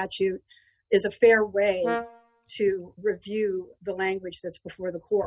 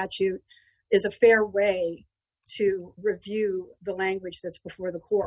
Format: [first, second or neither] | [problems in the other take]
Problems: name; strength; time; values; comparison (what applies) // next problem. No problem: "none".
second | background sound (Brass instrument); 10 dB below the speech